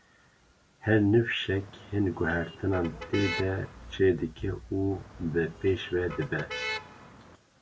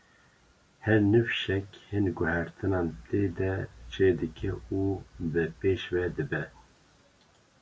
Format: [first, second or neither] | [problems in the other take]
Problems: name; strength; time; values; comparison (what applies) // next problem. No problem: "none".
second | background sound (Motor vehicle (road)); 11 dB below the speech